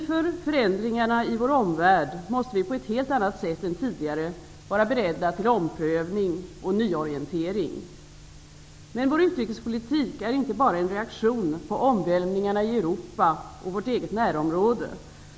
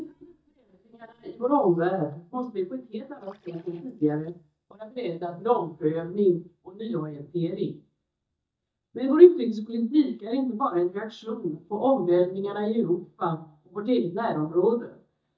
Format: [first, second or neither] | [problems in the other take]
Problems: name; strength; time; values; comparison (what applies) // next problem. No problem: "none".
first | noise reduction (neural mask model DeepFilterNet 3)